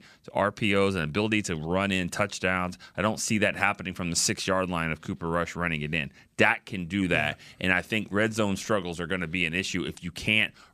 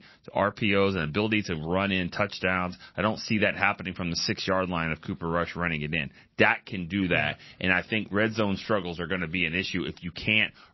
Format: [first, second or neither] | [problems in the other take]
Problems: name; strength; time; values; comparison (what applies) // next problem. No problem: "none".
first | garbled, watery; slightly; nothing above 5.5 kHz